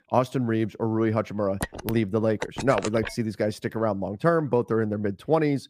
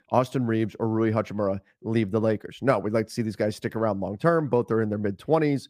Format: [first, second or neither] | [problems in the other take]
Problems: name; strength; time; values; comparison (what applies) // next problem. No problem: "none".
second | phone ringing; noticeable; from 1.5 to 3 s; peak 7 dB below the speech